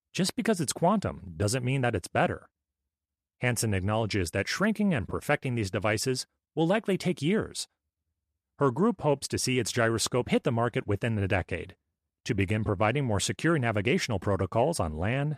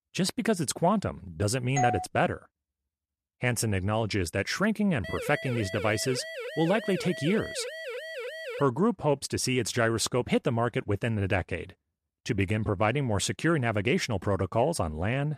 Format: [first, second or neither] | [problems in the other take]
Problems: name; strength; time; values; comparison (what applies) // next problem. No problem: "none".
first | doorbell; noticeable; at 2 s; peak 2 dB below the speech // siren; noticeable; from 5 to 8.5 s; peak 8 dB below the speech